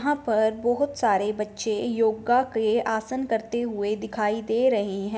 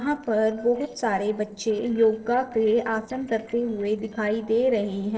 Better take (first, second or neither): first